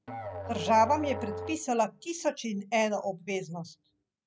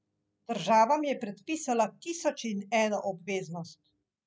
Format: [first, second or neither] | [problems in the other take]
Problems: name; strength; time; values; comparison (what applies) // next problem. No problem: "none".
second | background sound (Musical instrument); 9 dB below the speech